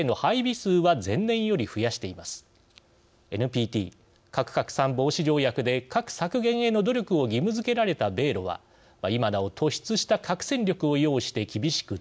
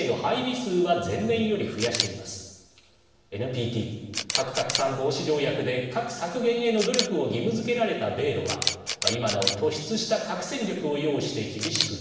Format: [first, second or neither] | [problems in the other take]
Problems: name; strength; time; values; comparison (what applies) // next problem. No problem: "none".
first | background sound (Camera); 8 dB below the speech // room echo; dies away in 1 s